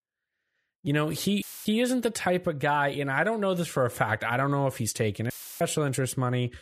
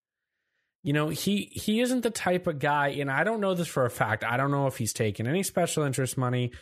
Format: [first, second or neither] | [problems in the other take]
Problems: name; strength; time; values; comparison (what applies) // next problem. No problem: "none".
second | audio cutting out; filled with static; at 1.5 s and at 5.5 s